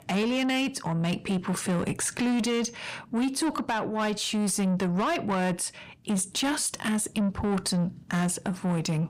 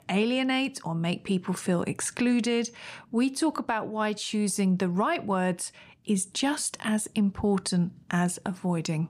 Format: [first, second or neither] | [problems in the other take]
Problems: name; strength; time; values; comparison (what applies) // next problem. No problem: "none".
second | distortion; slight; 10 dB below the speech